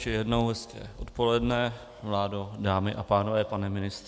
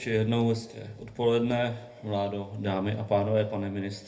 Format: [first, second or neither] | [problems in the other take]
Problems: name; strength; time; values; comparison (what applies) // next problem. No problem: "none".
first | room echo; dies away in 0.3 s